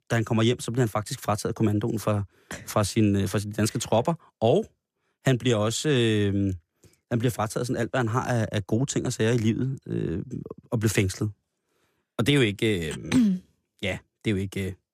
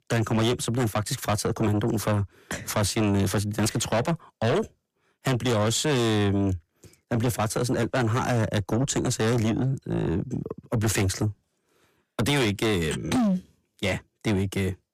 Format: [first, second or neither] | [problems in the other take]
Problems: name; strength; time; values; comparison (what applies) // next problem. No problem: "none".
first | distortion; heavy; 7 dB below the speech